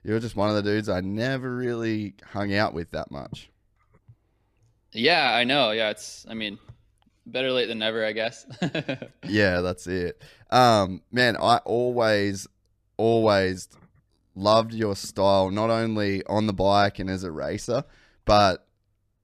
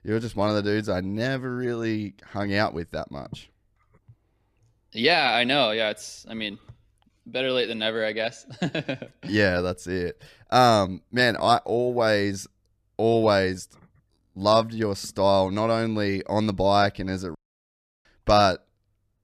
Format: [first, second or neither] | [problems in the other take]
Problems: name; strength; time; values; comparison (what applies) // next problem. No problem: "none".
first | audio cutting out; at 17 s for 0.5 s